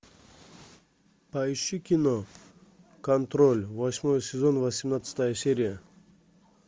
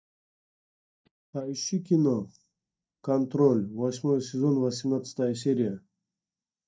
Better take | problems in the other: first | noise reduction (neural mask model DeepFilterNet 3)

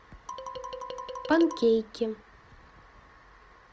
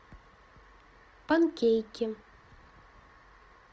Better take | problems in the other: second | background sound (Marimba, xylophone); 9 dB below the speech

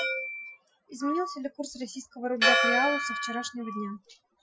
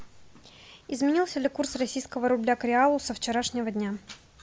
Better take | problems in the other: second | noise reduction (classical method Wiener filter)

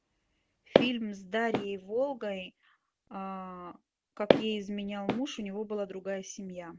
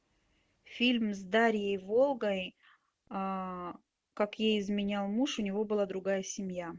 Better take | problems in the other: second | background sound (Walk, footsteps); 2 dB above the speech

